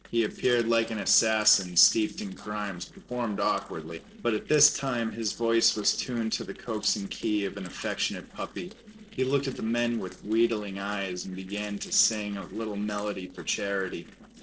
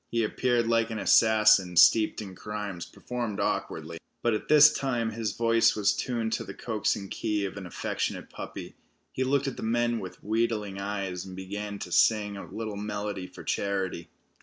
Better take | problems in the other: second | noise reduction (neural separator model SepFormer DNS4)

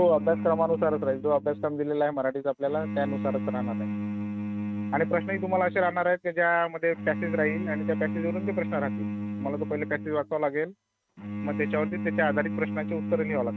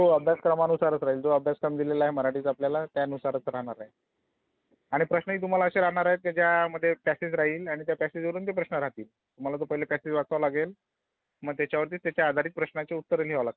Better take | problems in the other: second | noise reduction (neural mask model RNNoise)

